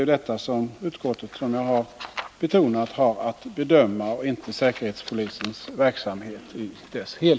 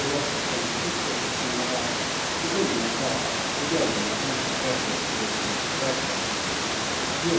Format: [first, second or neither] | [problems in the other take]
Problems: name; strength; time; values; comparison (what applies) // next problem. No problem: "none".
first | background sound (Water); 5 dB above the speech // room echo; dies away in 0.9 s